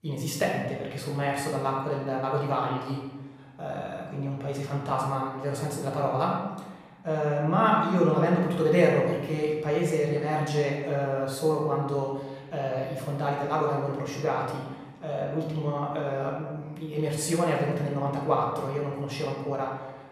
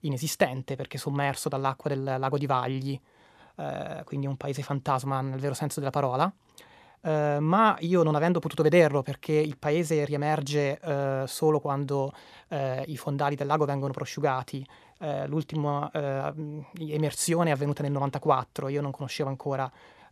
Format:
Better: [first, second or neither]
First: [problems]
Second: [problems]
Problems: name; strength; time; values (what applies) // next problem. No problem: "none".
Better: second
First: room echo; noticeable; dies away in 1 s // off-mic speech; far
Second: none